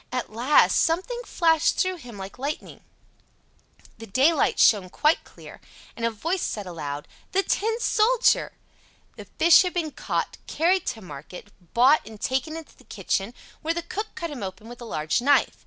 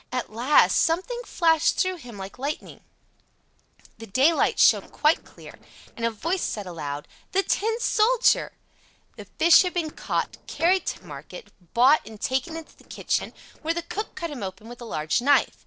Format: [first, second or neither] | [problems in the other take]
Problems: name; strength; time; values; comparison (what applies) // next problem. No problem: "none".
first | noise reduction (neural separator model SepFormer DNS4)